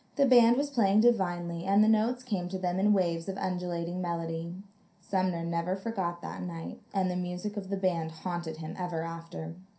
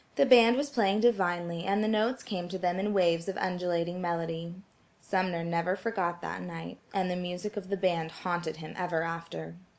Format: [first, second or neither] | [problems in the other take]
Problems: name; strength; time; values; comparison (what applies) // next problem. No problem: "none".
second | room echo; dies away in 0.3 s